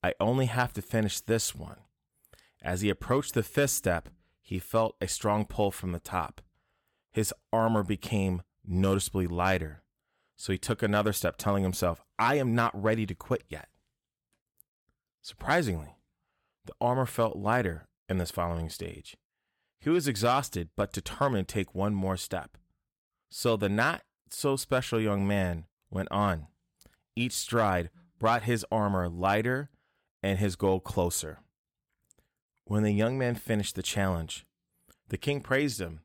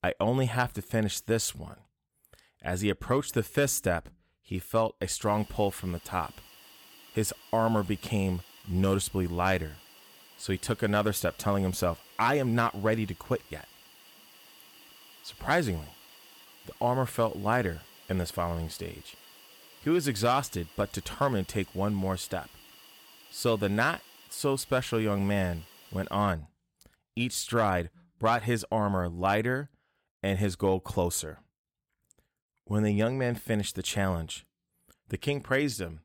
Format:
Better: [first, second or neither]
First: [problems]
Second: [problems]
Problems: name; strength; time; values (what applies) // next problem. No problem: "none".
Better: first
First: none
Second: hiss; faint; from 5.5 to 26 s; 20 dB below the speech